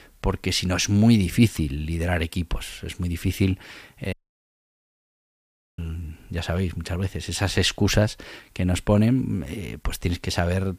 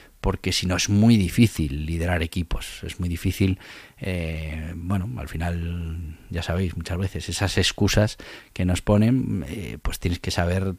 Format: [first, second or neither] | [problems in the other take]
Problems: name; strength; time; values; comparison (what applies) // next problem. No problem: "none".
second | audio cutting out; at 4 s for 1.5 s